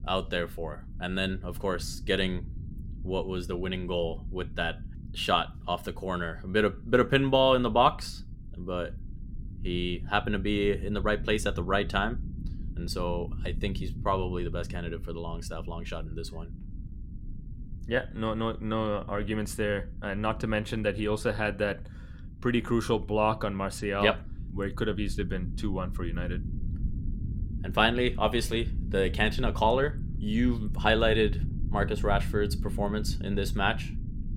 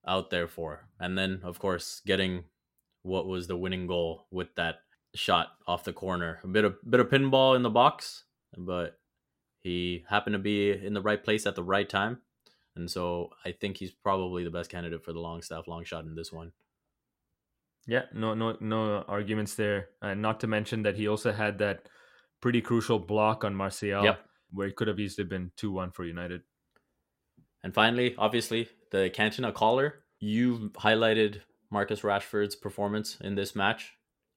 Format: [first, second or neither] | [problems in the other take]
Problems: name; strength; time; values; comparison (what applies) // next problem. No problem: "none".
second | low rumble; faint; throughout; 20 dB below the speech